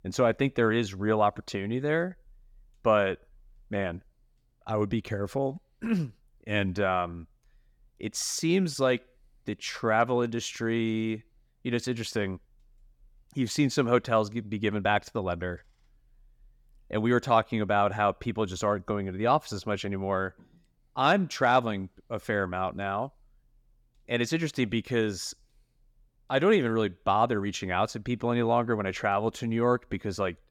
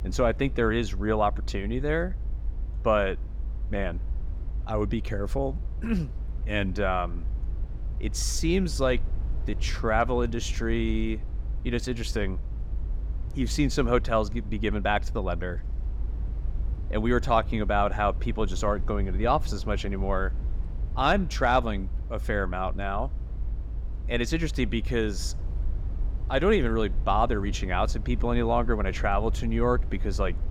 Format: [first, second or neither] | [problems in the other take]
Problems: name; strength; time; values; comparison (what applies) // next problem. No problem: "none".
first | low rumble; faint; throughout; 25 dB below the speech